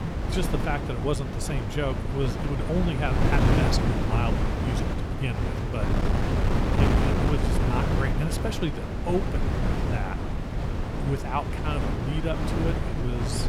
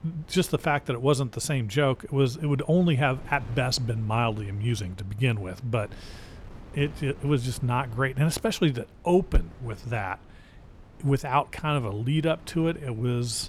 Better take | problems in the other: second | wind noise on the microphone; heavy; 1 dB above the speech; occasional gusts in the second

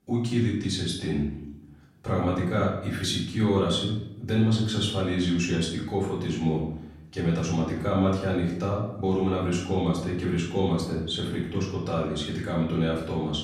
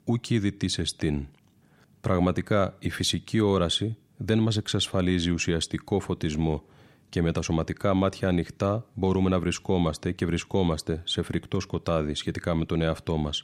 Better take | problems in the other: second | room echo; noticeable; dies away in 0.7 s // off-mic speech; far

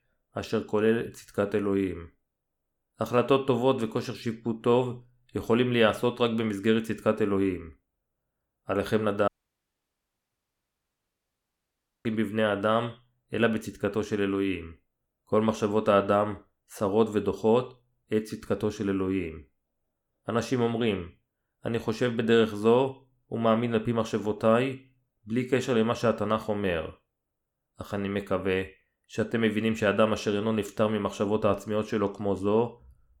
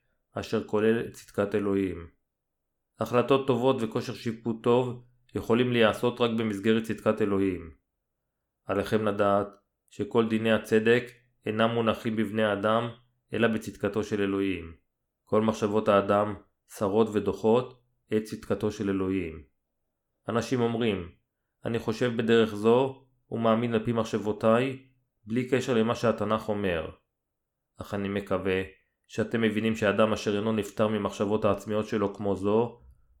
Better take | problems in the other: second | audio cutting out; at 9.5 s for 3 s

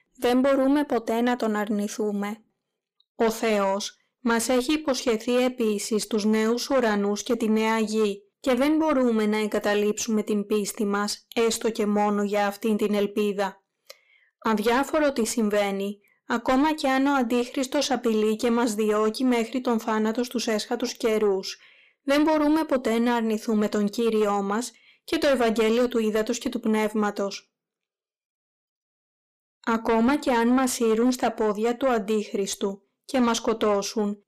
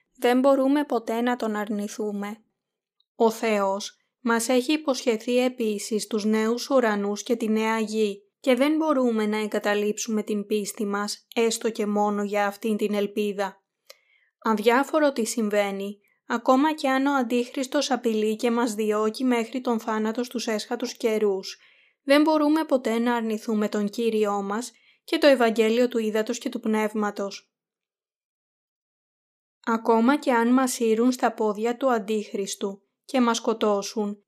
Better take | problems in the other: second | distortion; slight; 10 dB below the speech

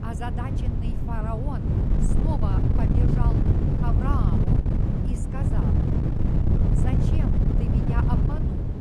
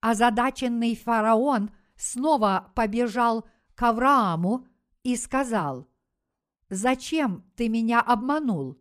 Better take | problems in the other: second | wind noise on the microphone; heavy; 3 dB above the speech

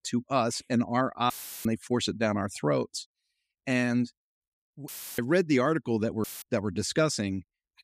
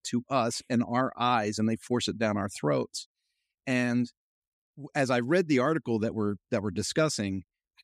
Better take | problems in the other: second | audio cutting out; filled with static; at 1.5 s, at 5 s and at 6 s

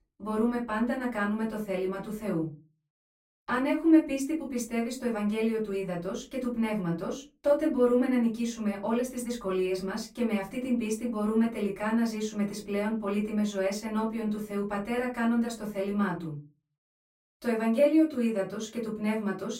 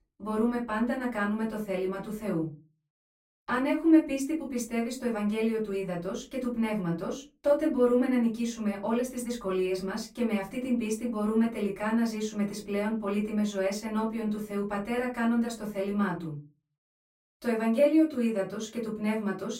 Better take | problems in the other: neither | off-mic speech; far; the same in both // room echo; very slight; dies away in 0.3 s; the same in both

